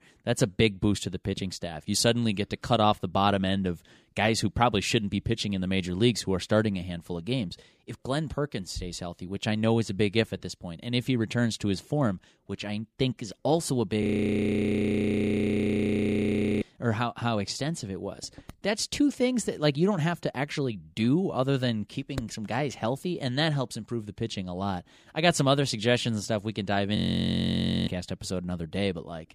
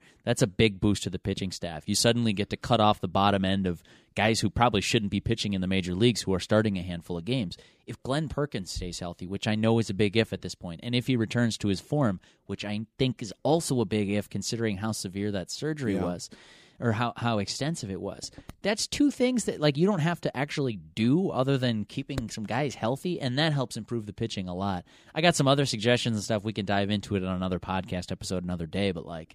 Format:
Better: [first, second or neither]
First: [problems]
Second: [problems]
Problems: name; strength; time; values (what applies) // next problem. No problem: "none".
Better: second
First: audio freezing; at 14 s for 2.5 s and at 27 s for 1 s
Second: none